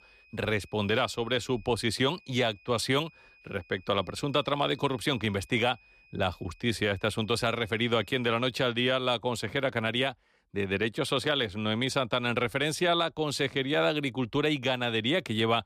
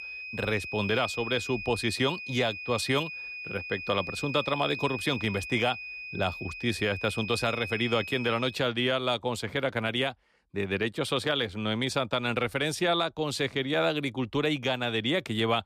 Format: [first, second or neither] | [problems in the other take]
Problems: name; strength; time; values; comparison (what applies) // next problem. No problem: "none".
first | high-pitched whine; loud; until 8.5 s; 2.5 kHz, 8 dB below the speech; faint in the first